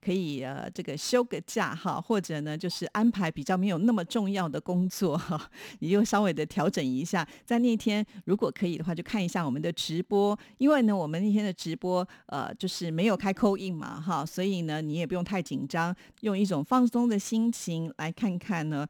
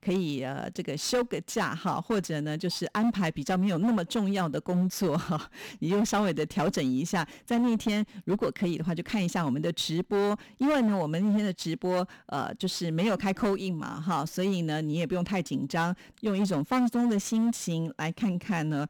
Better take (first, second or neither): first